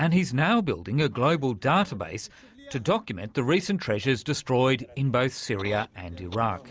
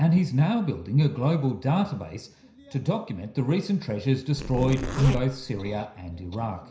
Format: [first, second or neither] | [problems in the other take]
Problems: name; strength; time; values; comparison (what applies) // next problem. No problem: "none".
first | background sound (Zipper (clothing)); 6 dB below the speech // room echo; dies away in 0.5 s